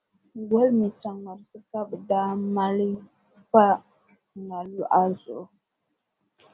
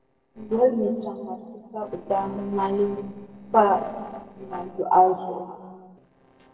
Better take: first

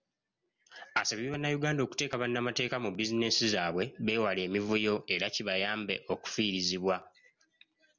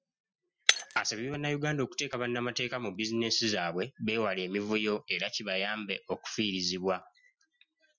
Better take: first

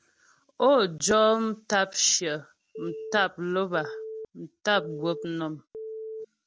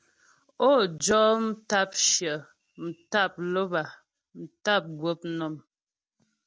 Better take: second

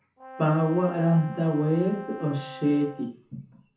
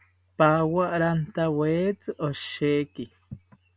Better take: second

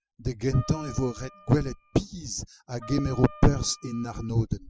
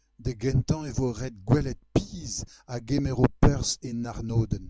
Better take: second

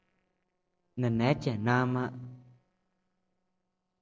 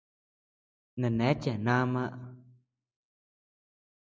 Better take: second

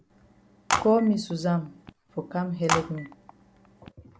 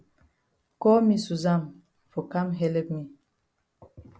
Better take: second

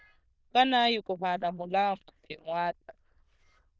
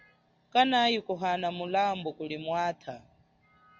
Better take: second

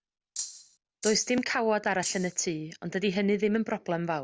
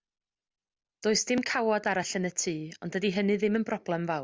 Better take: second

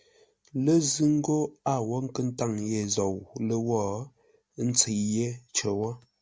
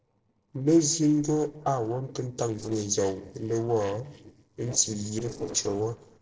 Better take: first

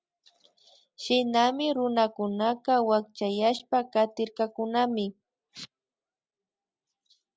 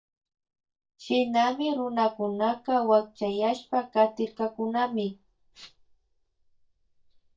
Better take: first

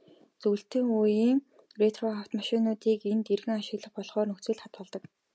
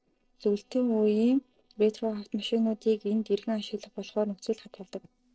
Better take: first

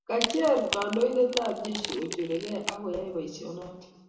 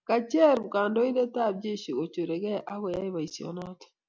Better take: second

